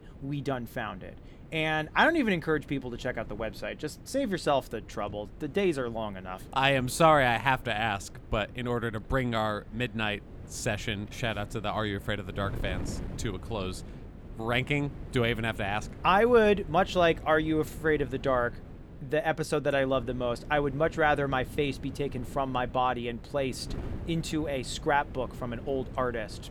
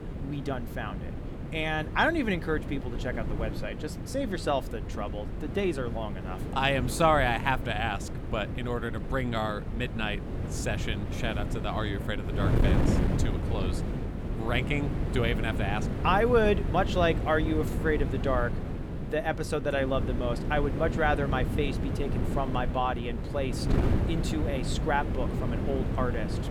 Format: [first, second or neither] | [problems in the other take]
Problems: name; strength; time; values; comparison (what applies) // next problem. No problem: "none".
first | wind noise on the microphone; heavy; 9 dB below the speech; occasional gusts in the first